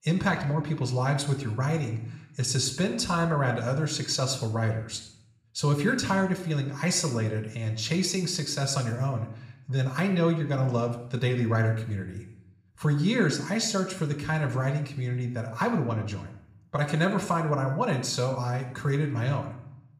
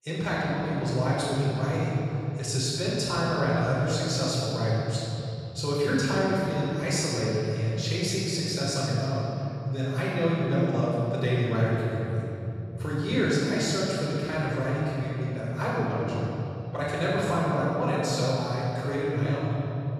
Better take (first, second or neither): first